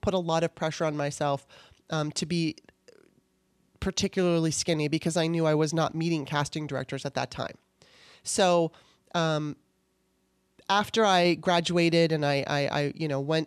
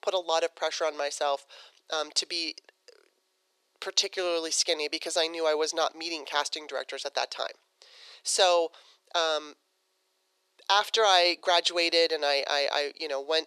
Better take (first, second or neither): first